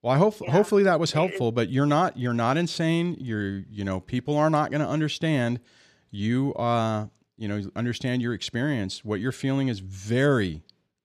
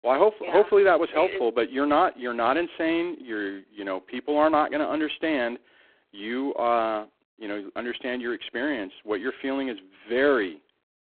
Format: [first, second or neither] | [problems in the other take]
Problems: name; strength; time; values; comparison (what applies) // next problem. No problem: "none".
first | phone-call audio; poor line